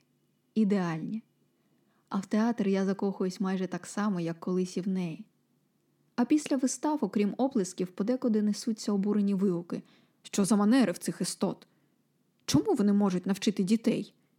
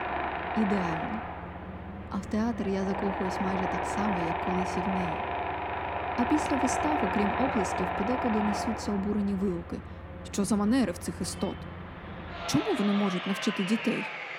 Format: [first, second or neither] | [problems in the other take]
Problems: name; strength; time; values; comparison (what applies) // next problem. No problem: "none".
first | machinery noise; loud; throughout; 3 dB below the speech